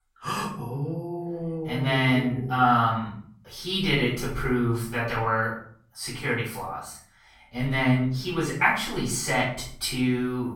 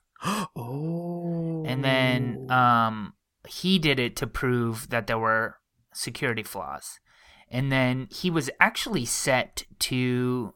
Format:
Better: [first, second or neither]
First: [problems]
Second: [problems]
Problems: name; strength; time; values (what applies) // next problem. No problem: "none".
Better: second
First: off-mic speech; far // room echo; noticeable; dies away in 0.5 s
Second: none